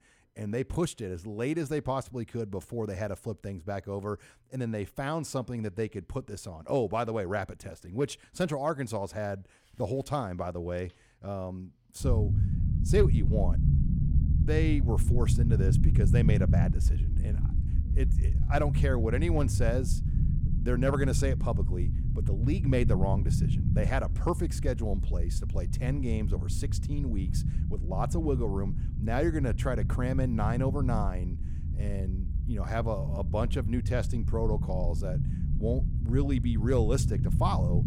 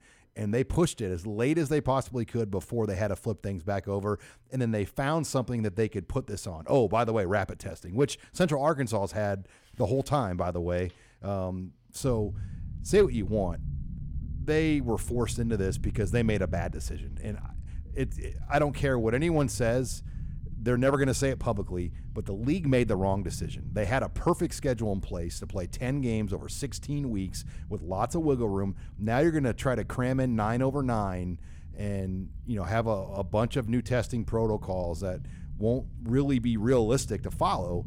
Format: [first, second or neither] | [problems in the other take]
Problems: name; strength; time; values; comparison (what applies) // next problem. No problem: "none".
second | low rumble; loud; from 12 s on; 8 dB below the speech; faint in the second